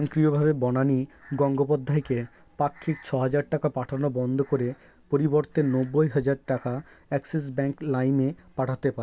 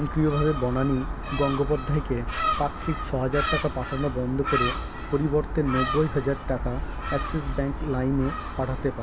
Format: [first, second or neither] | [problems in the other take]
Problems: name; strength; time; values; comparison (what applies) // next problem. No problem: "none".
first | background sound (Gull, seagull); 3 dB below the speech